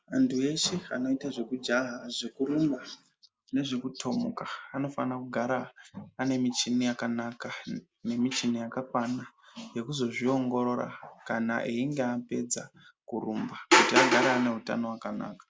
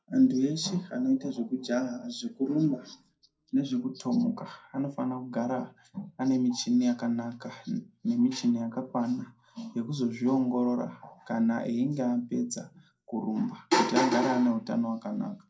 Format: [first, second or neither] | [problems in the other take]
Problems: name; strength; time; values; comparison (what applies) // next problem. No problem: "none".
first | room echo; dies away in 0.2 s